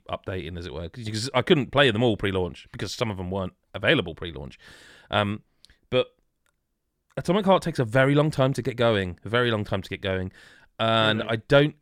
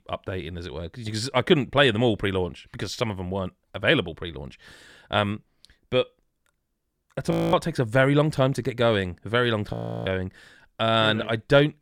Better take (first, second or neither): first